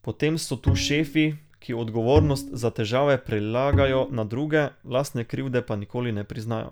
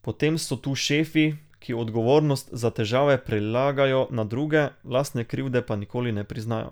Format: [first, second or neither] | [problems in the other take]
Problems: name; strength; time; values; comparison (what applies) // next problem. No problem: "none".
second | background sound (Bowed string instrument); as loud as the speech